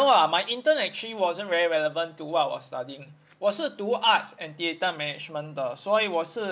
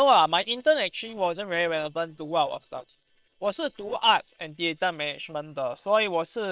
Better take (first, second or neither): first